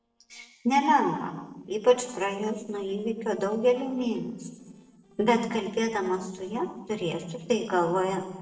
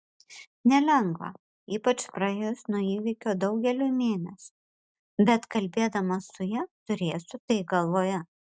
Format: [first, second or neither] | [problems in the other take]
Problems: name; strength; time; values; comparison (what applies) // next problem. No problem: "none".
second | noise reduction (neural separator model SepFormer DNS4)